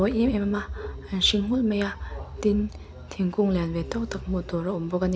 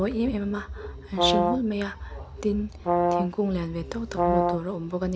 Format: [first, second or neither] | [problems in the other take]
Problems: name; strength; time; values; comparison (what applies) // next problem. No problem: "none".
first | background sound (Brass instrument); 3 dB above the speech